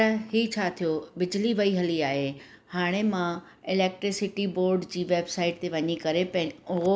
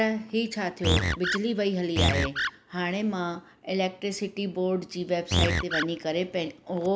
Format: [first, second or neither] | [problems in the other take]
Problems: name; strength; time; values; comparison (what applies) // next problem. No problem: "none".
first | background sound (Animal); 1 dB above the speech